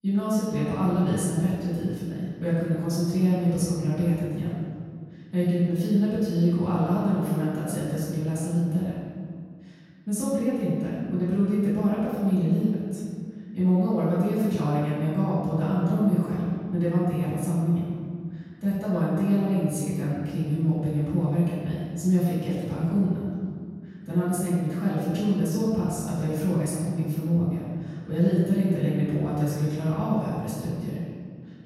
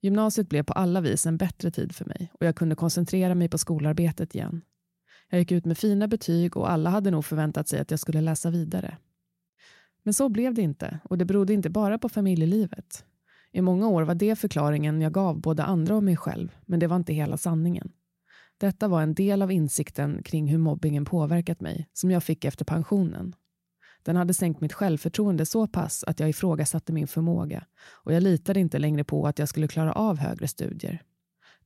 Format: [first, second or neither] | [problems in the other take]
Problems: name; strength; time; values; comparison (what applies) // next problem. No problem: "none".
second | off-mic speech; far // room echo; strong; dies away in 1.9 s